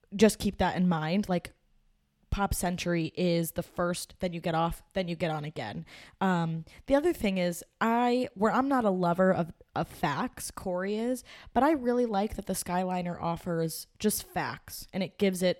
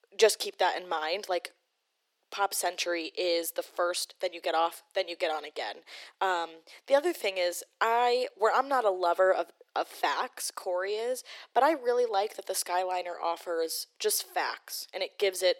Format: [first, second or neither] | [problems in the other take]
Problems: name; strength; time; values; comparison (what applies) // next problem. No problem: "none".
first | thin; very; fading below 350 Hz